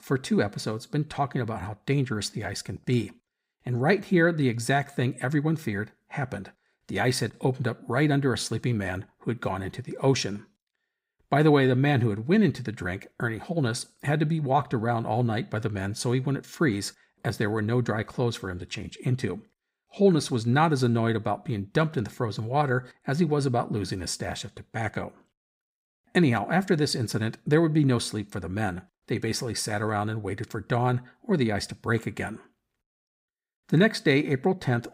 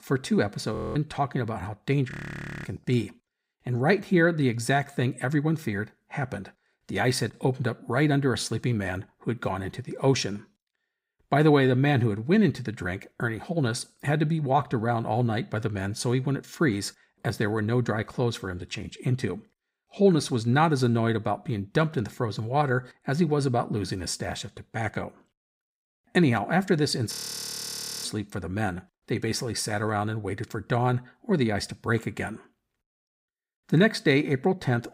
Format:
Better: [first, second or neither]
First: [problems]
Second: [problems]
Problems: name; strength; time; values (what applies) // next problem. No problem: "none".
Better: first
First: none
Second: audio freezing; at 1 s, at 2 s for 0.5 s and at 27 s for 1 s